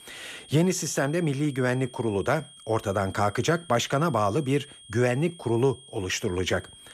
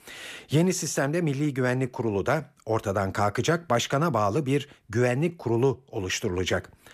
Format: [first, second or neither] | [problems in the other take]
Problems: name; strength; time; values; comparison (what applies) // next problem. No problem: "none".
second | high-pitched whine; faint; throughout; 3.5 kHz, 20 dB below the speech